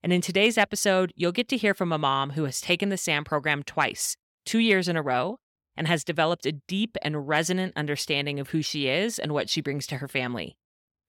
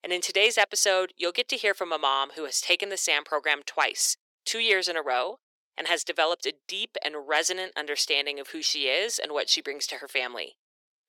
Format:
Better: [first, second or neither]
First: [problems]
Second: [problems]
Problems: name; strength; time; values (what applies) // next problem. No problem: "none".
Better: first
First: none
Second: thin; very; fading below 400 Hz